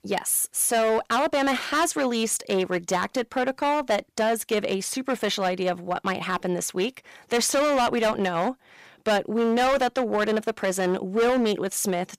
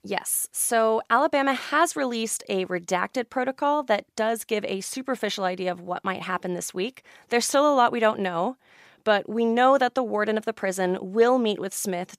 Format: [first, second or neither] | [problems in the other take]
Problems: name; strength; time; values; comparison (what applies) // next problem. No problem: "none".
second | distortion; heavy; 12% of the sound clipped